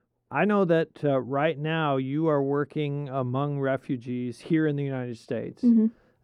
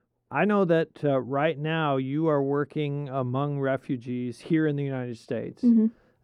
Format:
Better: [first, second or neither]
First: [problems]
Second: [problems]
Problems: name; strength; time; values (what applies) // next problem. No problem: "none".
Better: neither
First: muffled; slightly; fading above 1.5 kHz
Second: muffled; slightly; fading above 1.5 kHz